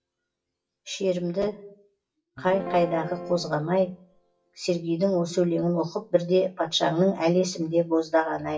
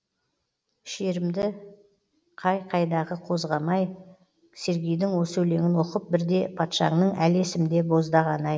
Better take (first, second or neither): second